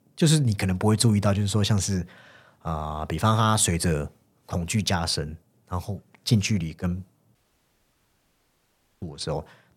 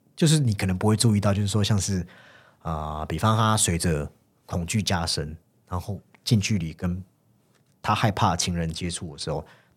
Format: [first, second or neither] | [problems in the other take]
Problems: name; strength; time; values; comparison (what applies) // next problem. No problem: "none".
second | audio cutting out; at 7.5 s for 1.5 s